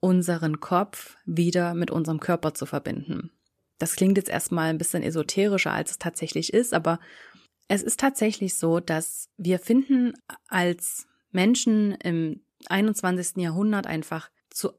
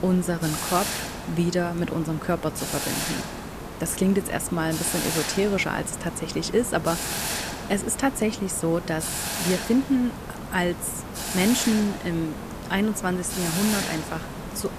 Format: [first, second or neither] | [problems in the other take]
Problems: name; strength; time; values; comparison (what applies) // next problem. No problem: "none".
first | hiss; loud; throughout; 5 dB below the speech